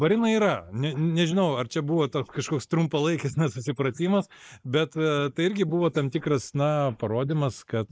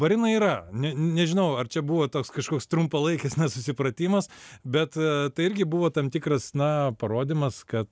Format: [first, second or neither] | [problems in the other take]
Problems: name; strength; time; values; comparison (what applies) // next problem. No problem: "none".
second | noise reduction (neural mask model Resemble Enhance denoiser)